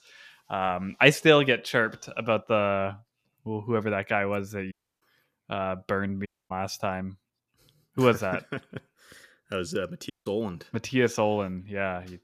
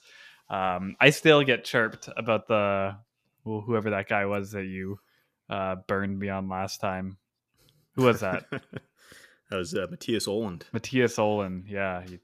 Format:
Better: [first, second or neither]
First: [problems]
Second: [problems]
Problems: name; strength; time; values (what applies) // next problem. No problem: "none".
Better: second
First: audio cutting out; at 4.5 s, at 6.5 s and at 10 s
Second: none